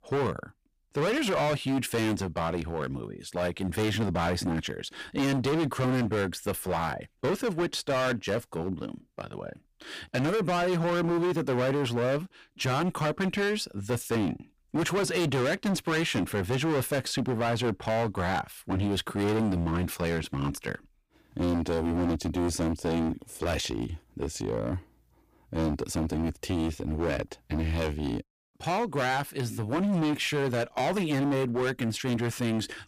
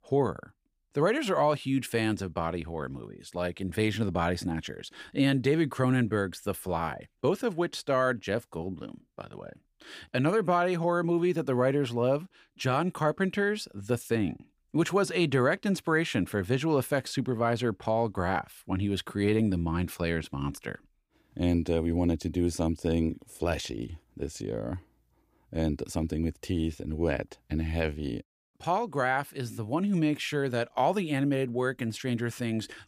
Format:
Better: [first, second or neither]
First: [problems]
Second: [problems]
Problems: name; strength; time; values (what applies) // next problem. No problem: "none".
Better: second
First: distortion; heavy; 20% of the sound clipped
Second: none